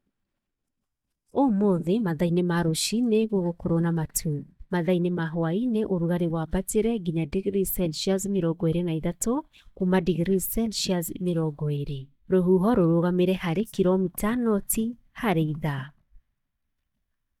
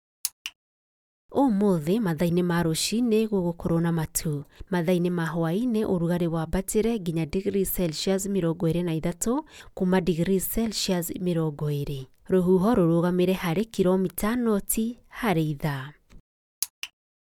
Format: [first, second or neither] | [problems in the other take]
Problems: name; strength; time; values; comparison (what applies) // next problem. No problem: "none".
second | noise reduction (neural mask model DeepFilterNet 3)